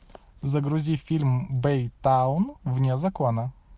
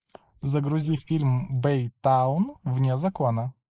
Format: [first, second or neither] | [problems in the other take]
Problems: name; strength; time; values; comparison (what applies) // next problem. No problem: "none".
first | noise reduction (neural mask model Resemble Enhance denoiser)